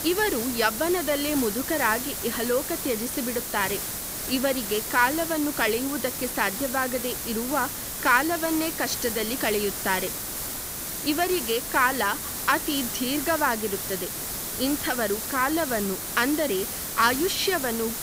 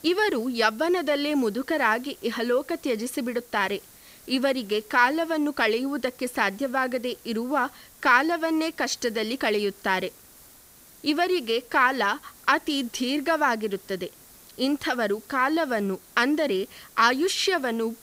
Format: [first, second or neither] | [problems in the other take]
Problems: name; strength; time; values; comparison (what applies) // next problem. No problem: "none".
second | hiss; loud; throughout; 4 dB below the speech; faint in the second